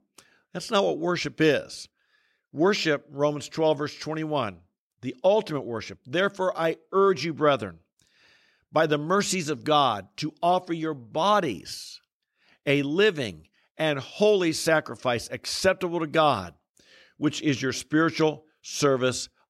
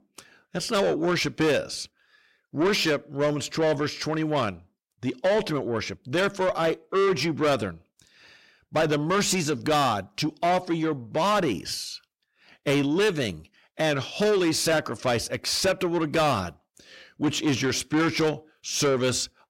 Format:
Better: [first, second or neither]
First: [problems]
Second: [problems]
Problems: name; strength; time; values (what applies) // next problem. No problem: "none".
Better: first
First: none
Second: distortion; heavy; 7 dB below the speech